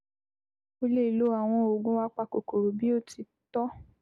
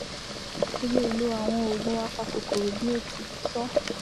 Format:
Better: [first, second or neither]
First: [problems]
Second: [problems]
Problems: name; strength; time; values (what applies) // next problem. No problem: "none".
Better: first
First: none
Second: background sound (Boiling); 2 dB below the speech